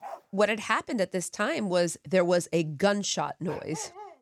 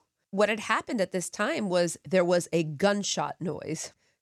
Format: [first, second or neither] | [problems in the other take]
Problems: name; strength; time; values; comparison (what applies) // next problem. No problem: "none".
second | dog barking; faint; at the start and at 3.5 s; peak 15 dB below the speech